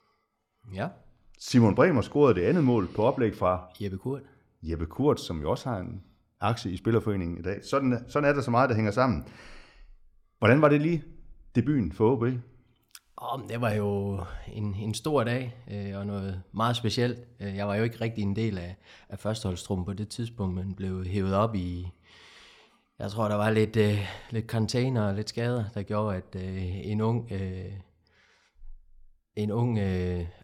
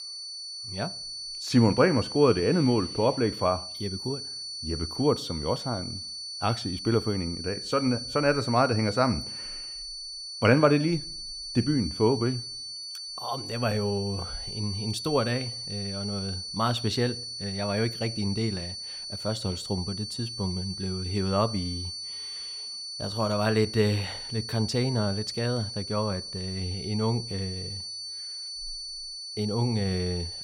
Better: first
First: none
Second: high-pitched whine; loud; throughout; 4.5 kHz, 7 dB below the speech

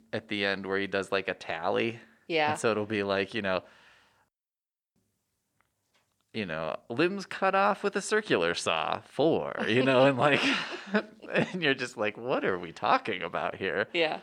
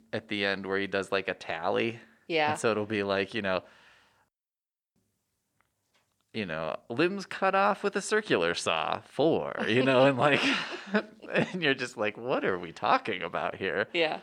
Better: neither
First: none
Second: none

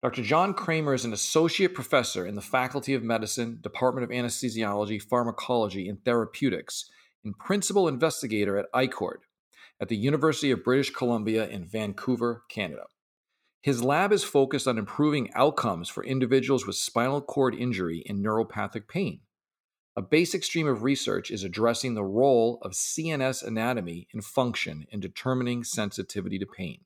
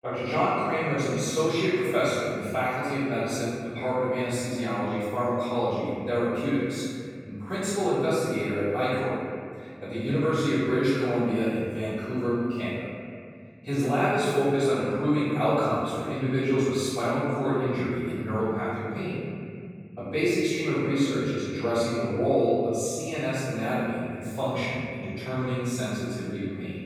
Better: first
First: none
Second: off-mic speech; far // room echo; strong; dies away in 2.4 s

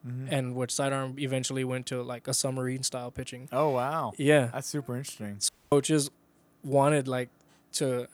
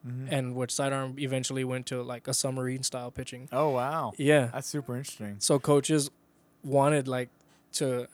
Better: second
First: audio cutting out; at 5.5 s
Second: none

